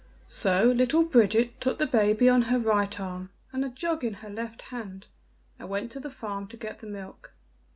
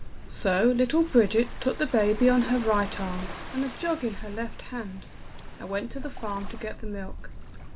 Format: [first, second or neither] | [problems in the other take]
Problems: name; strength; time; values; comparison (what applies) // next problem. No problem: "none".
first | background sound (Waves, surf); 8 dB below the speech